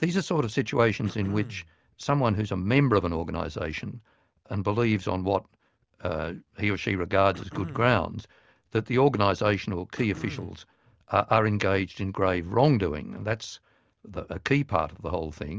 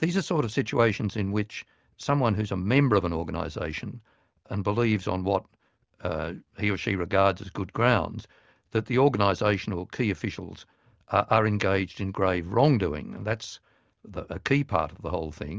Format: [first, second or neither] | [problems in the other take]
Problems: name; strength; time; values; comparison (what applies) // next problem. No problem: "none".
second | background sound (Cough); 17 dB below the speech